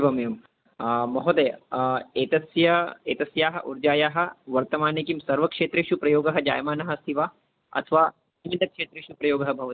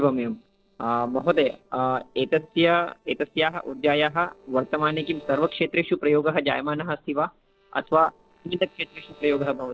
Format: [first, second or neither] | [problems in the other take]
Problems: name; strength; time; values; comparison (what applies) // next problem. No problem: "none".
first | noise reduction (neural separator model SepFormer DNS4)